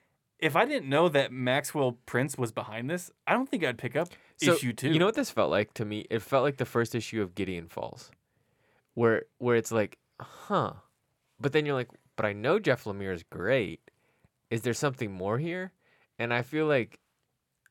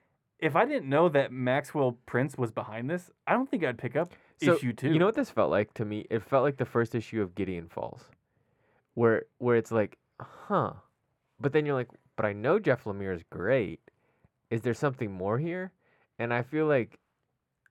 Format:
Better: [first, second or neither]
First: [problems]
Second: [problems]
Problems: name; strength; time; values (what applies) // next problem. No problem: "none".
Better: first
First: none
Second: muffled; slightly; fading above 2.5 kHz